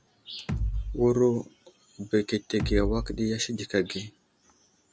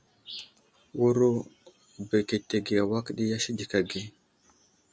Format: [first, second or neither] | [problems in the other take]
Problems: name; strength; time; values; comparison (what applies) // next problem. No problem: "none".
second | background sound (Bass drum); 4 dB below the speech